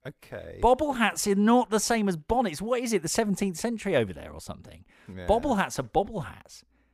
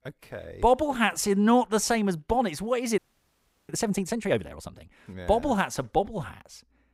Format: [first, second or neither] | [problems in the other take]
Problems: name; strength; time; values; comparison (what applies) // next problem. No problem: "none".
first | audio freezing; at 3 s for 0.5 s